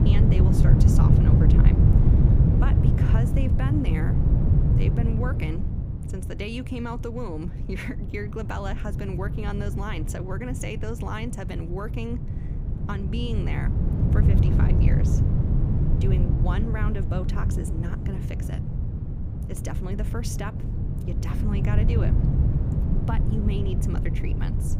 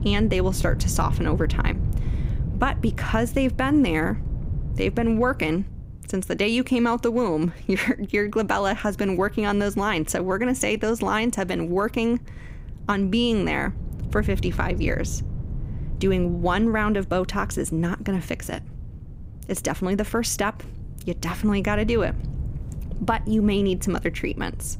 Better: second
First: wind noise on the microphone; heavy; 1 dB above the speech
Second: wind noise on the microphone; occasional gusts; 20 dB below the speech

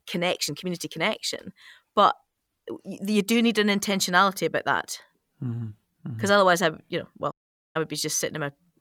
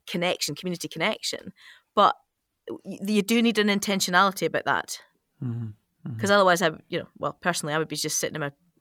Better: second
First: audio cutting out; at 7.5 s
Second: none

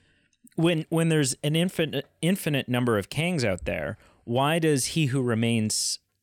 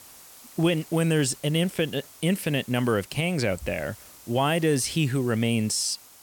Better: first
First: none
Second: hiss; faint; throughout; 20 dB below the speech

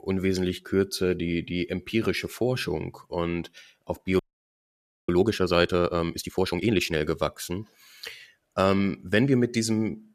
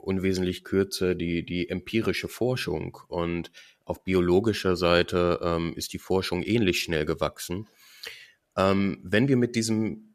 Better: second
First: audio freezing; at 4 s for 1 s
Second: none

